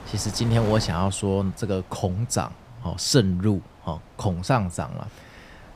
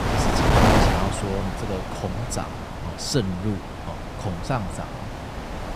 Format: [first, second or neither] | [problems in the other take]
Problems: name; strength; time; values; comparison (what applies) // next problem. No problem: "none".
first | wind noise on the microphone; heavy; 5 dB above the speech; occasional gusts in the first